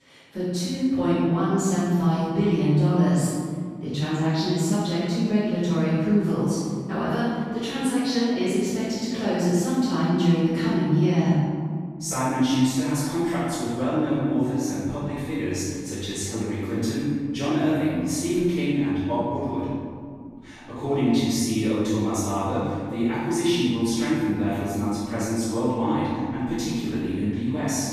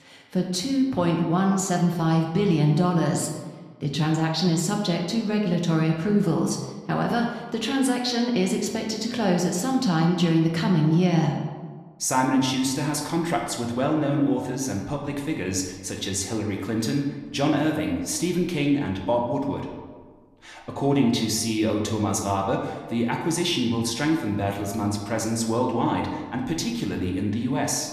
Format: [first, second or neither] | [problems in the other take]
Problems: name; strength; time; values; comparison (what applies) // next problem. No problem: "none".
second | room echo; strong; dies away in 2.1 s; slight in the second // off-mic speech; far; somewhat distant in the second